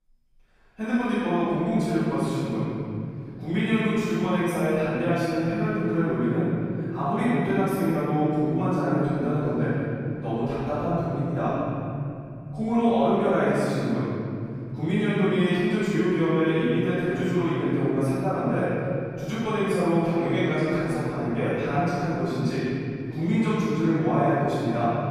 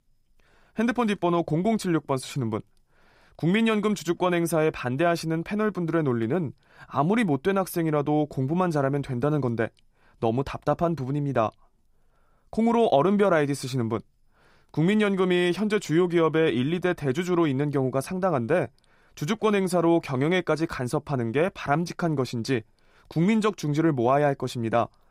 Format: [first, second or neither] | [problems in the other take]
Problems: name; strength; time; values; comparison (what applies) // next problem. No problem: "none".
second | off-mic speech; far // room echo; strong; dies away in 3 s